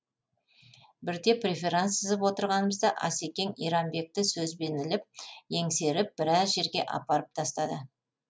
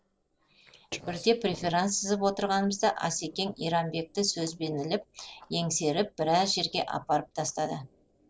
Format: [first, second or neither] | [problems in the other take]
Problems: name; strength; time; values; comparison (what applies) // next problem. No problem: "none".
first | noise reduction (neural separator model SepFormer DNS4)